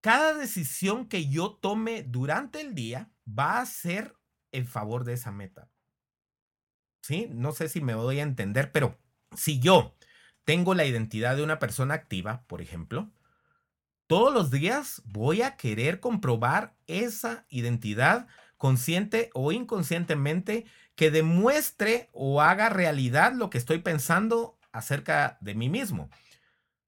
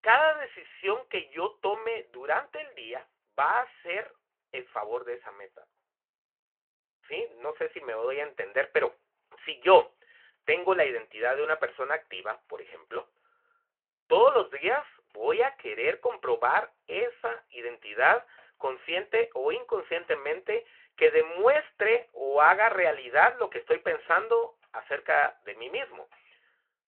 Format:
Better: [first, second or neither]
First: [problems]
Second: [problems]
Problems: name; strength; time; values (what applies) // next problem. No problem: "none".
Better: first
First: none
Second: phone-call audio